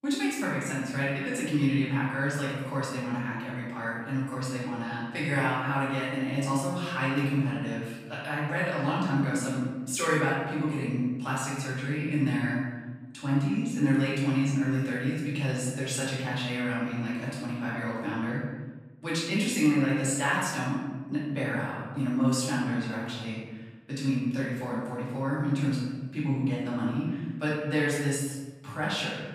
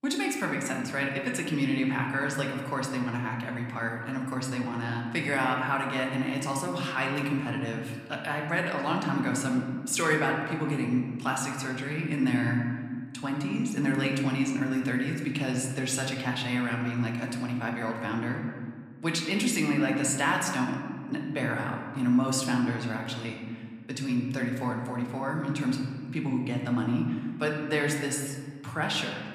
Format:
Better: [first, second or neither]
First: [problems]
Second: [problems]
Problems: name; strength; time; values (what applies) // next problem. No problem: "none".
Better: second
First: room echo; strong; dies away in 1.2 s // off-mic speech; far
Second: room echo; slight; dies away in 1.6 s